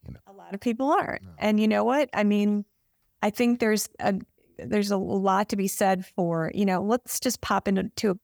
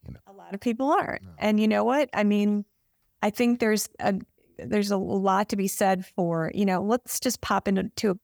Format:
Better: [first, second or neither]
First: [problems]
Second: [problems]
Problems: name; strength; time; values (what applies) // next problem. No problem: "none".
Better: neither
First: none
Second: none